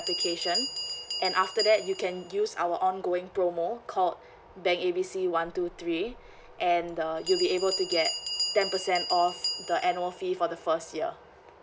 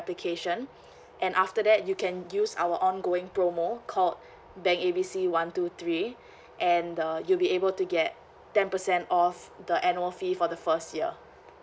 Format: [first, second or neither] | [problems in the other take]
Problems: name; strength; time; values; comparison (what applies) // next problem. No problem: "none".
second | background sound (Bell); 8 dB below the speech